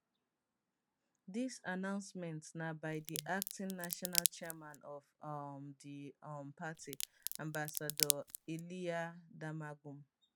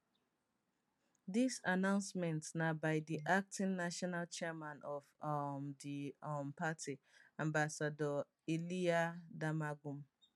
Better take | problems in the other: second | background sound (Crack); 4 dB above the speech

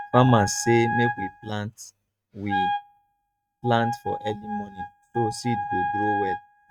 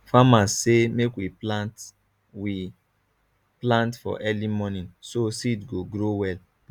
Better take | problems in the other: second | noise reduction (neural mask model RNNoise)

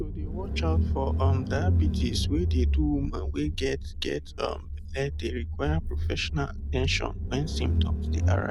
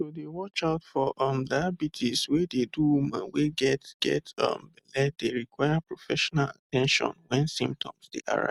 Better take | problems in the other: second | background sound (Engine / Car); 4 dB above the speech

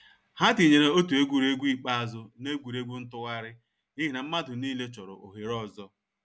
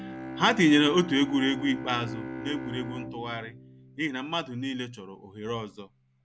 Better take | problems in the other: first | background sound (Bowed string instrument); 12 dB below the speech

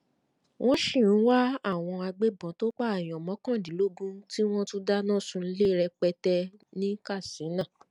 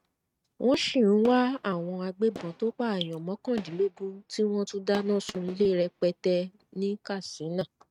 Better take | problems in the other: first | noise reduction (neural mask model RNNoise)

